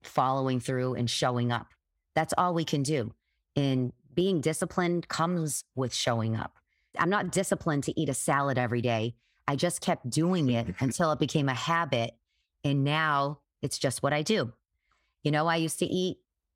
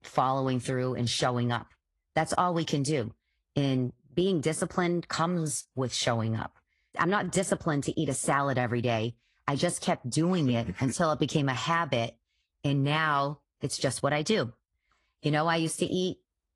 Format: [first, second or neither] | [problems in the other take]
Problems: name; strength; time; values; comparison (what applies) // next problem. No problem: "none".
first | garbled, watery; slightly